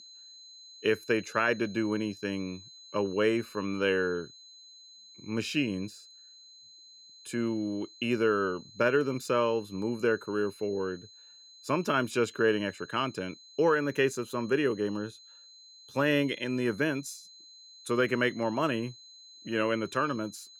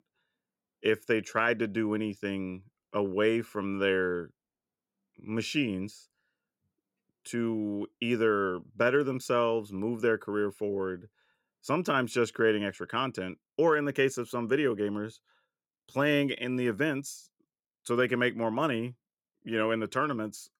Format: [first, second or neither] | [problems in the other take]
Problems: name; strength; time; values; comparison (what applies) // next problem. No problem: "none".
second | high-pitched whine; faint; throughout; 4 kHz, 20 dB below the speech